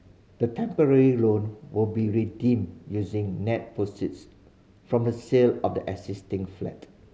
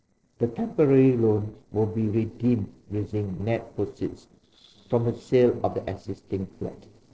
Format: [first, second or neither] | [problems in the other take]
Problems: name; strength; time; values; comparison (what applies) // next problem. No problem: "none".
first | noise reduction (neural separator model SepFormer DNS4)